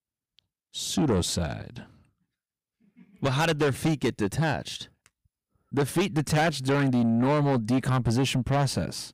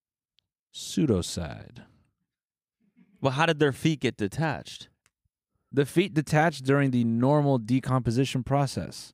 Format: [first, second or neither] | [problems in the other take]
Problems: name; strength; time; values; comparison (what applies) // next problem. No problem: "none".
second | distortion; heavy; 6 dB below the speech